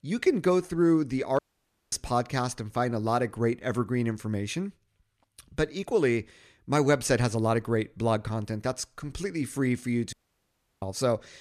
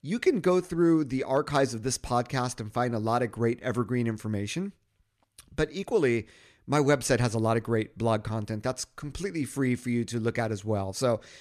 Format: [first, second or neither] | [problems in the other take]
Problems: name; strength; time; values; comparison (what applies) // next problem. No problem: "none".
second | audio cutting out; at 1.5 s for 0.5 s and at 10 s for 0.5 s